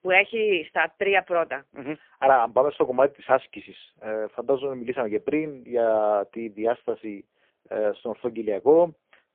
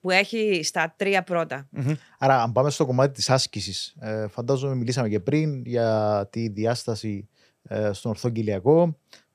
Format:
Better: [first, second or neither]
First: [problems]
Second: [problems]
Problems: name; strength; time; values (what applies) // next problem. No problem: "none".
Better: second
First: phone-call audio; poor line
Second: none